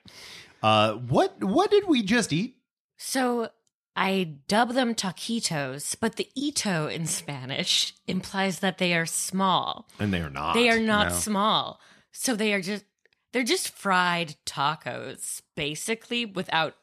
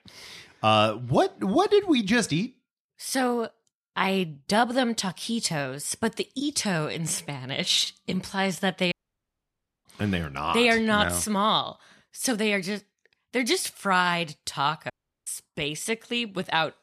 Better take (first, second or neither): first